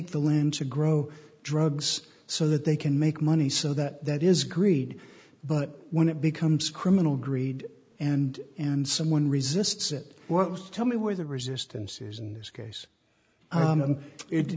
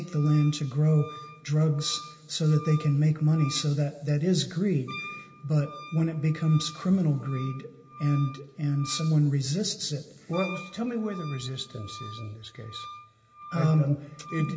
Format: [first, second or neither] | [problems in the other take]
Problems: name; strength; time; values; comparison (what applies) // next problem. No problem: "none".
first | background sound (Wind instrument, woodwind instrument); 17 dB below the speech // room echo; dies away in 2.2 s